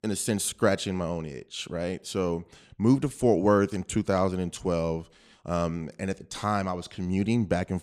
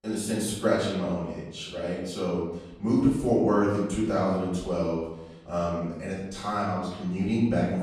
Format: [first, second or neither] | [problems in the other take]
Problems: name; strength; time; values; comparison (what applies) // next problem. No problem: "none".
first | off-mic speech; far // room echo; noticeable; dies away in 0.8 s